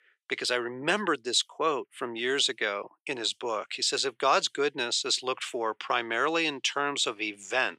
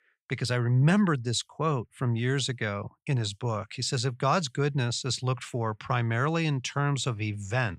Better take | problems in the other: second | thin; very; fading below 350 Hz

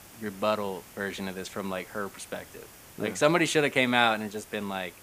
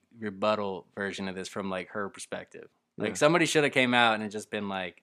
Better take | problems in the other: second | hiss; faint; throughout; 20 dB below the speech

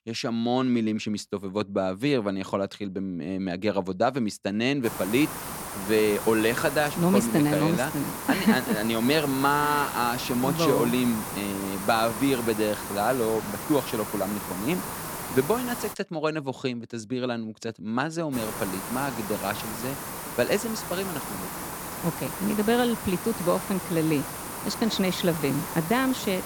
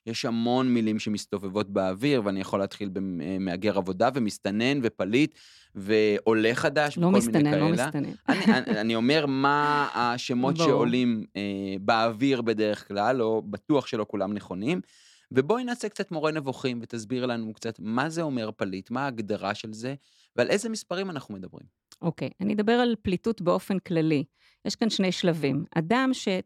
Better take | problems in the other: second | hiss; loud; from 5 to 16 s and from 18 s on; 7 dB below the speech

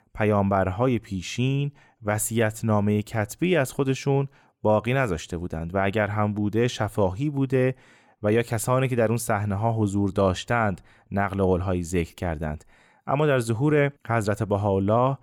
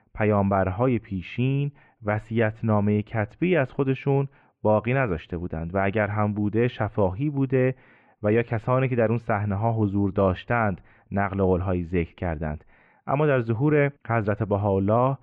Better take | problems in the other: first | muffled; very; fading above 2.5 kHz

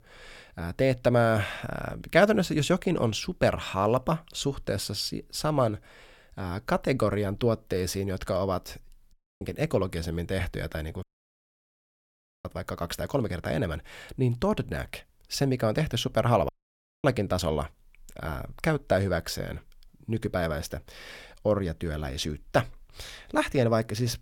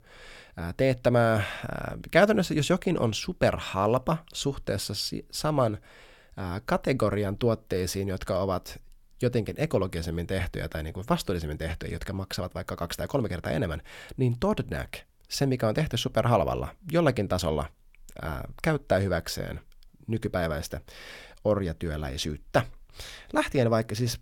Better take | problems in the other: second | audio cutting out; at 9 s, at 11 s for 1.5 s and at 16 s for 0.5 s

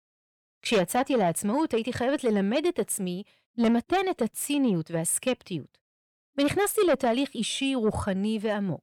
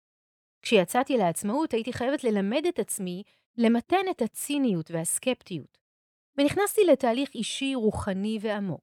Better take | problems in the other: second | distortion; slight; 10 dB below the speech

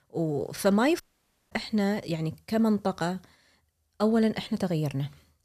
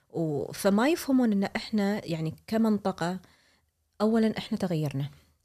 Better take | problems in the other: second | audio cutting out; at 1 s for 0.5 s

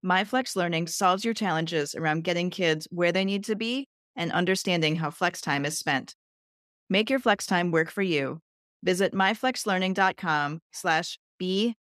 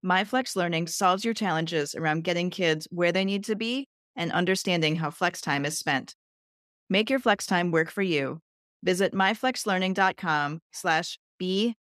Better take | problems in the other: neither | none

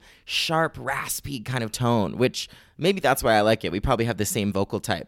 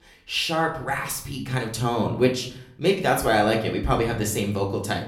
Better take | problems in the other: first | room echo; slight; dies away in 0.5 s // off-mic speech; somewhat distant

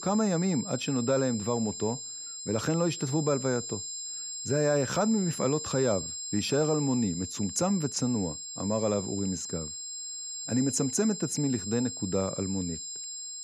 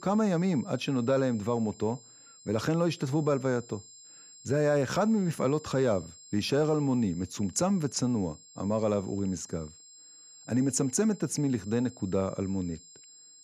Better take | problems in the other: second | high-pitched whine; loud; throughout; 7.5 kHz, 6 dB below the speech; faint in the second

